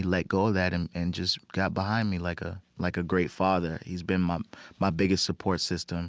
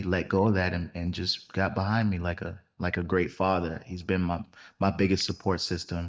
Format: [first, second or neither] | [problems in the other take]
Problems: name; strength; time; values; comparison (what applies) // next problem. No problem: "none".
first | noise reduction (neural mask model DeepFilterNet 3)